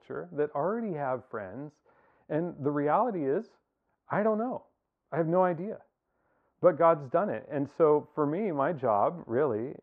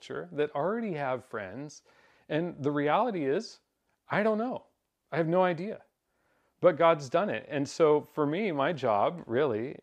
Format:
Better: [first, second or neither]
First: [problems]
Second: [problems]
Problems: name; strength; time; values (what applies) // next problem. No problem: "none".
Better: second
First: muffled; very; fading above 2.5 kHz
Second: none